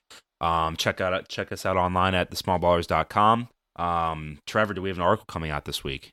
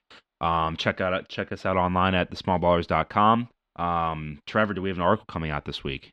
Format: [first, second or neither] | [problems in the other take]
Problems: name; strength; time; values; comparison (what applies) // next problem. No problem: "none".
first | muffled; very slightly; fading above 3 kHz